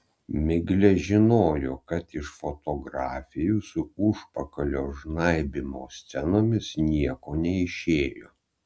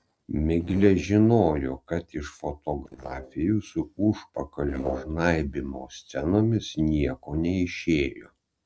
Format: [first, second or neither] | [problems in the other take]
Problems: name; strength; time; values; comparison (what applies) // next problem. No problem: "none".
first | noise reduction (neural separator model SepFormer DNS4)